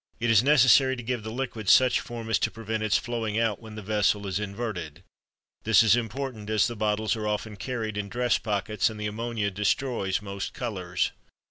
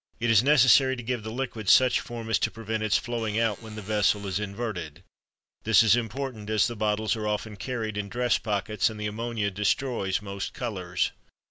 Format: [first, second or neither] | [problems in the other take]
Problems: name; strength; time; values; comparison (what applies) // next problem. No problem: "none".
first | background sound (Alarm); 18 dB below the speech